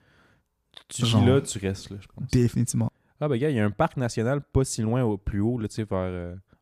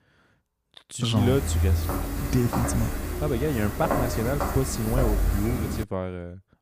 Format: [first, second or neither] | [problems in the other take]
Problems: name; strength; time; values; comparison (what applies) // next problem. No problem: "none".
first | footsteps; loud; from 1 to 6 s; peak 3 dB above the speech